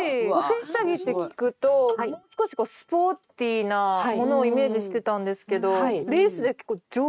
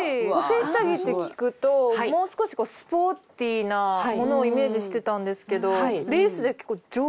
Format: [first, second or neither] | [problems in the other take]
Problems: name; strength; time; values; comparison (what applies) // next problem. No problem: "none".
second | noise reduction (neural mask model RNNoise)